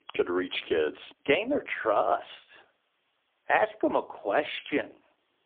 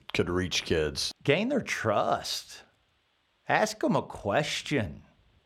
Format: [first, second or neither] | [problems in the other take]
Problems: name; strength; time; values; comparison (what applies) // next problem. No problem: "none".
second | phone-call audio; poor line; nothing above 3.5 kHz